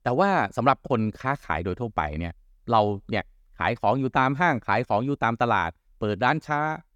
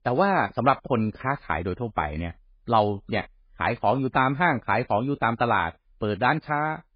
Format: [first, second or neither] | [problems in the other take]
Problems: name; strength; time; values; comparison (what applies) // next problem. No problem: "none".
first | garbled, watery; badly; nothing above 4 kHz